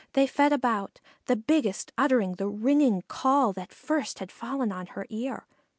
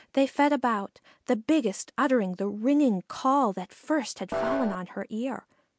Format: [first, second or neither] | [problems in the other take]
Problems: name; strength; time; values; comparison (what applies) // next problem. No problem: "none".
first | background sound (Piano); 2 dB below the speech